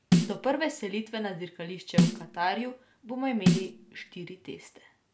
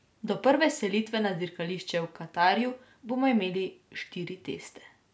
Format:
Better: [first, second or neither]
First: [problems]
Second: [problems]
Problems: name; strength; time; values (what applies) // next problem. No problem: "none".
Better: second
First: background sound (Snare drum); 5 dB above the speech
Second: none